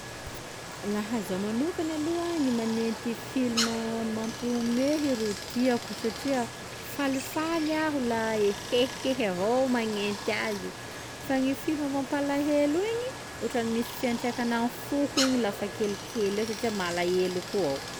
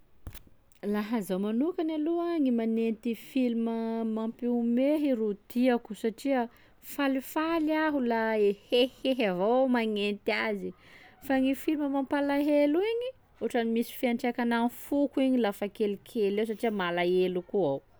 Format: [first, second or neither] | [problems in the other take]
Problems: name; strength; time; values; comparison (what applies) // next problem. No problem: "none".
second | background sound (Stream); 9 dB below the speech